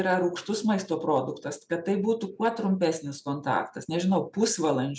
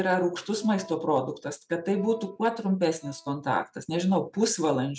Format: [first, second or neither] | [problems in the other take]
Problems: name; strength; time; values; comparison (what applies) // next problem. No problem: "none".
first | noise reduction (neural mask model RNNoise)